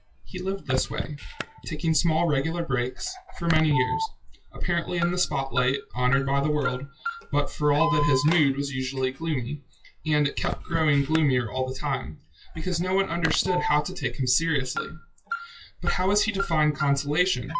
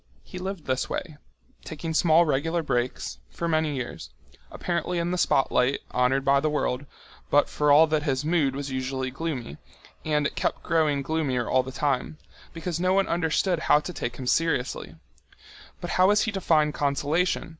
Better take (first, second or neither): second